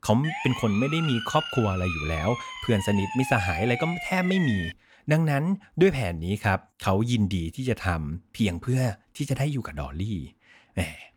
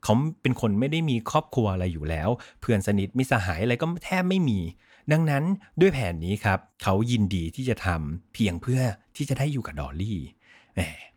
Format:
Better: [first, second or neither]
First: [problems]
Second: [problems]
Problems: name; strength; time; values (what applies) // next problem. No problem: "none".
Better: second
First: siren; noticeable; until 4.5 s; peak 4 dB below the speech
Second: none